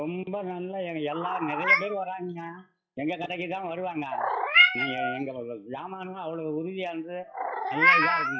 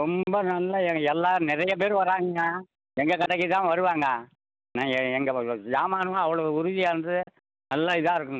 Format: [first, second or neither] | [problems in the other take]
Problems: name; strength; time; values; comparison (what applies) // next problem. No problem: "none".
second | noise reduction (classical method WPE with log-MMSE)